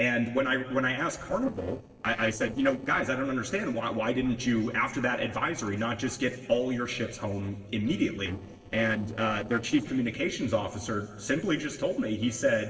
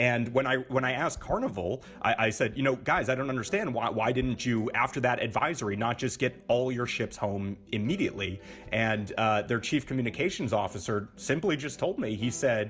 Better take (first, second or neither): second